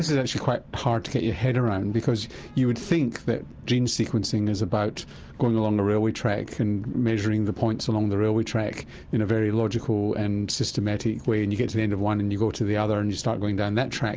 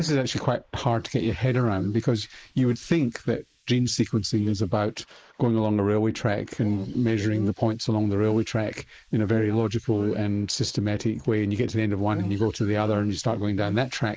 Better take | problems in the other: first | noise reduction (neural mask model Resemble Enhance denoiser)

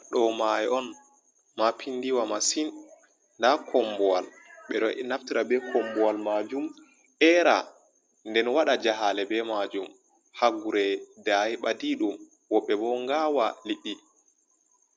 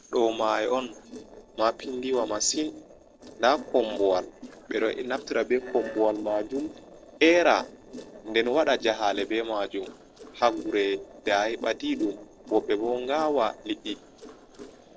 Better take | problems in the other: first | noise reduction (neural separator model SepFormer DNS4)

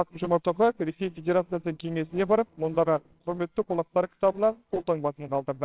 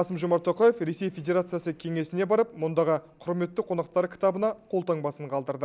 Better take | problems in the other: second | noise reduction (neural separator model SepFormer WHAMR!)

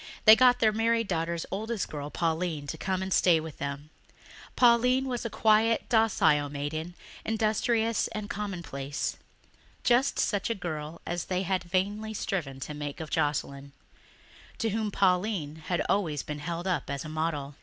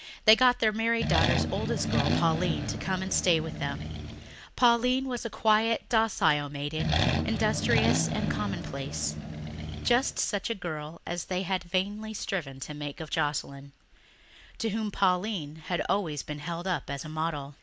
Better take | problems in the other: first | background sound (Accelerating, revving, vroom); 1 dB below the speech

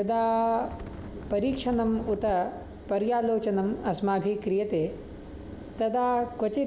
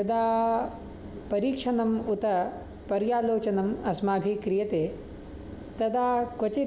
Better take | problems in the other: second | background sound (Wind); 14 dB below the speech

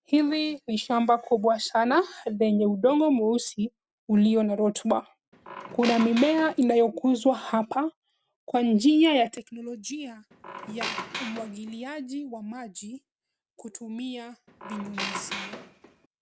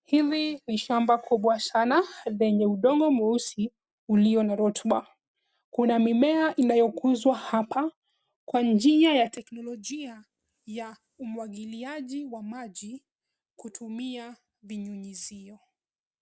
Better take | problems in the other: second | background sound (Squeak); 11 dB below the speech

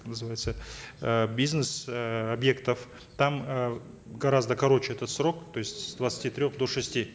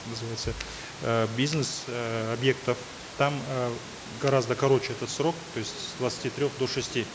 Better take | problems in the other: first | background sound (Water + Finger snapping); 13 dB below the speech

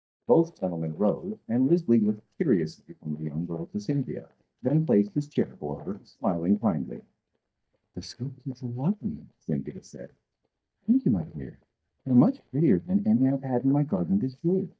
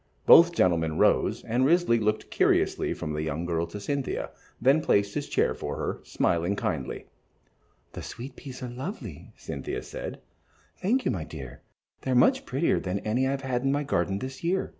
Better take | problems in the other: second | noise reduction (neural mask model DeepFilterNet 3)

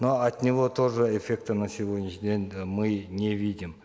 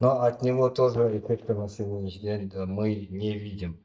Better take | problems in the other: first | noise reduction (neural mask model DeepFilterNet 3)

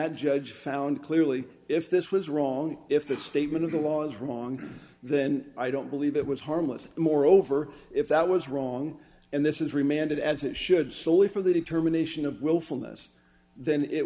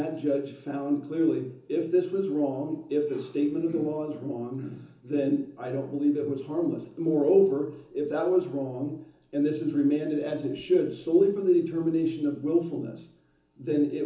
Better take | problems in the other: first | room echo; dies away in 0.7 s

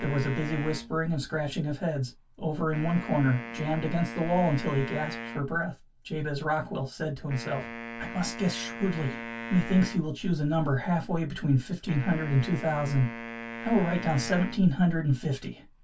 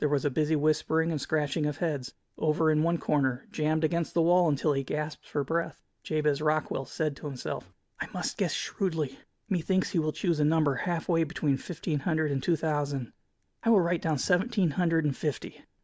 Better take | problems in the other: second | background sound (Wind instrument, woodwind instrument); 13 dB below the speech // room echo; dies away in 0.1 s

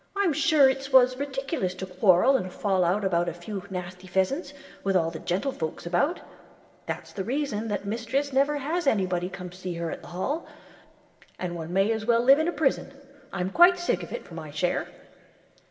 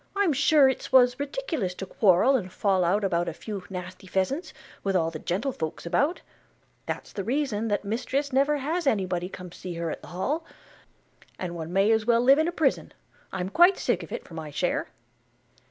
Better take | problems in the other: second | room echo; dies away in 1.5 s

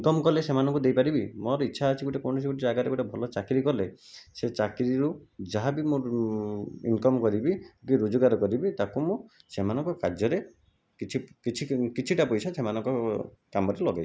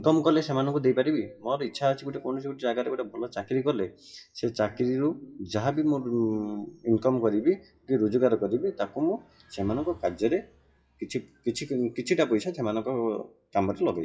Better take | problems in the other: first | noise reduction (classical method WPE with log-MMSE)

